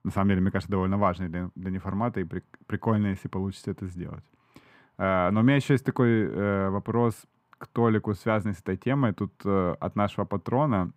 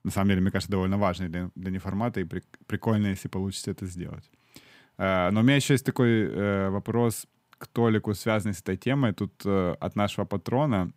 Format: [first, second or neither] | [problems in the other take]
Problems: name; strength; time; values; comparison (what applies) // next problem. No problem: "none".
second | muffled; slightly; fading above 3 kHz